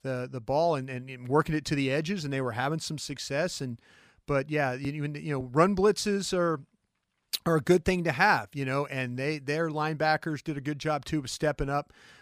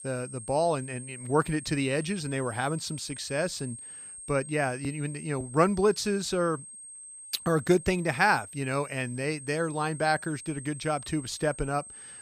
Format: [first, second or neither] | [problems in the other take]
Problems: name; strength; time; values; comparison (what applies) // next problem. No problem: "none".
first | high-pitched whine; noticeable; throughout; 8.5 kHz, 15 dB below the speech